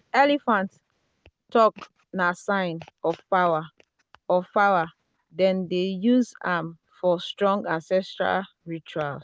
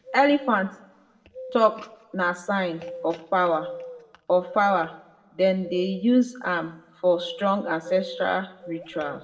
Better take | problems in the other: first | background sound (Bird vocalization, bird call, bird song); 16 dB below the speech // room echo; dies away in 0.6 s

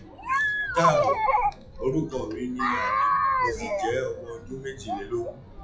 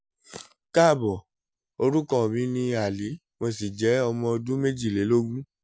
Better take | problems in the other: second | noise reduction (classical method WPE with log-MMSE)

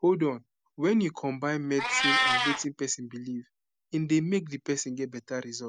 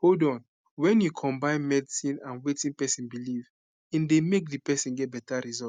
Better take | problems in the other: second | background sound (Meow); 4 dB below the speech

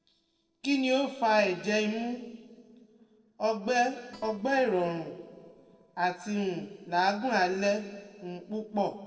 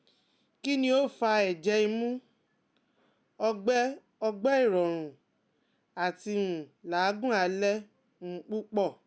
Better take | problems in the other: second | noise reduction (neural separator model SepFormer DNS4)

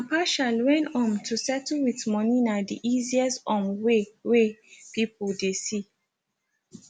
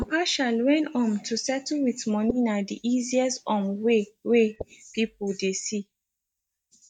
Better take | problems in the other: first | noise reduction (neural mask model DeepFilterNet 3)

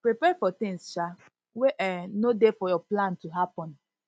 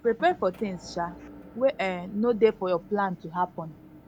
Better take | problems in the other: first | background sound (Motor vehicle (road) / Engine); 19 dB below the speech

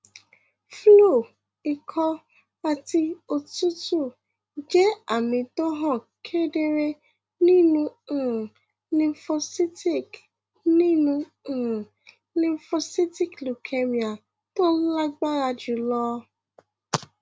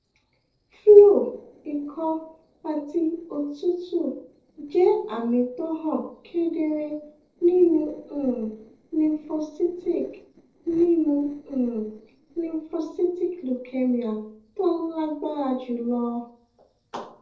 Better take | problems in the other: first | noise reduction (neural separator model SepFormer DNS4)

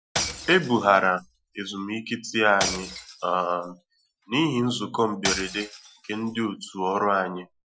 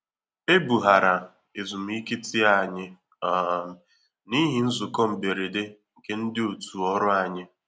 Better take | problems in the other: second | noise reduction (classical method Wiener filter)

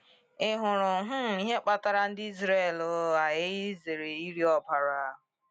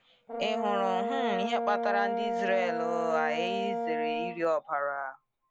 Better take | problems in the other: first | background sound (Brass instrument); 1 dB below the speech

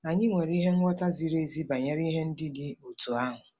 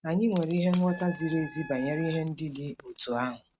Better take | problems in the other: first | noise reduction (neural mask model RNNoise)

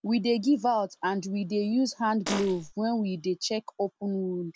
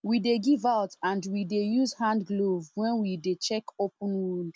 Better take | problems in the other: second | background sound (Fart); 7 dB below the speech

